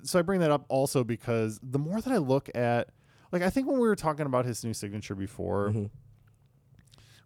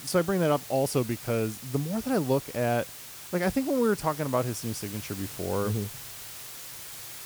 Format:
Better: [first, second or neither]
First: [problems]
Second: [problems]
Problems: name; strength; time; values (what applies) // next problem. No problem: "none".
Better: first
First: none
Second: hiss; noticeable; throughout; 10 dB below the speech